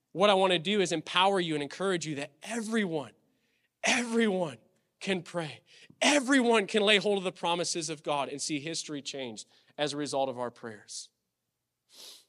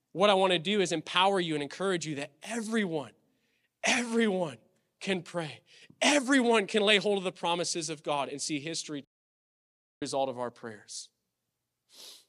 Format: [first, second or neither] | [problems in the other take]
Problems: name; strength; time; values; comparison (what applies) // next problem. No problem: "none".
first | audio cutting out; at 9 s for 1 s